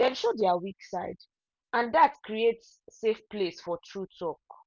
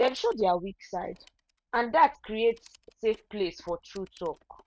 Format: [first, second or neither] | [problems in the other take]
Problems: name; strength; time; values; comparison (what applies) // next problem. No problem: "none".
first | noise reduction (neural mask model RNNoise)